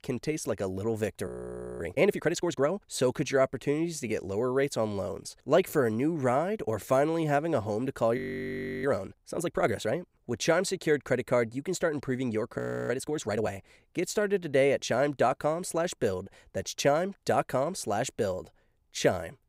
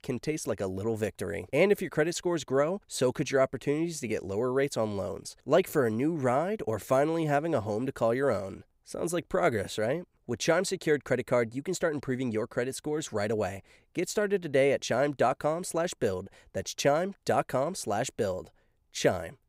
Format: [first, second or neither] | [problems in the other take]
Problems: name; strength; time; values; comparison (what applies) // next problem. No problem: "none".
second | audio freezing; at 1.5 s for 0.5 s, at 8 s for 0.5 s and at 13 s